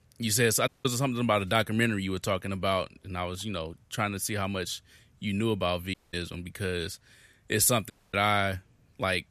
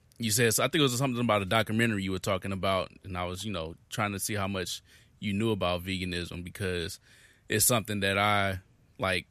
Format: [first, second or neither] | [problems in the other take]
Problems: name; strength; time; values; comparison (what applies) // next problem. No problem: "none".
second | audio cutting out; at 0.5 s, at 6 s and at 8 s